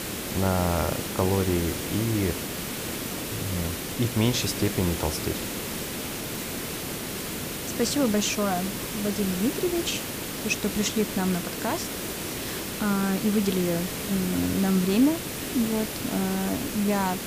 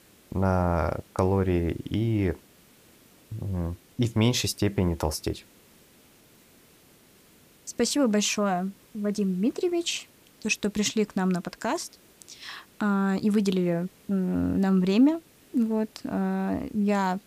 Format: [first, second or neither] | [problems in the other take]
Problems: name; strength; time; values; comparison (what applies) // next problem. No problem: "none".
second | hiss; loud; throughout; 4 dB below the speech; faint in the second